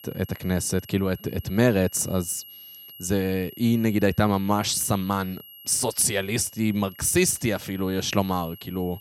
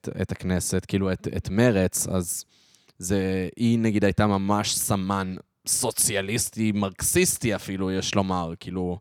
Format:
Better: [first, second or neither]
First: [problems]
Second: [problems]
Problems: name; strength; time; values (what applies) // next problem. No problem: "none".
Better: second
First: high-pitched whine; noticeable; throughout; 3 kHz, 20 dB below the speech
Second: none